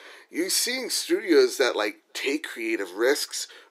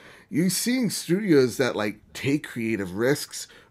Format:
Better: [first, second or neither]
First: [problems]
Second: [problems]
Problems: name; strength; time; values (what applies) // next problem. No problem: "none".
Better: second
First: thin; somewhat; fading below 350 Hz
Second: none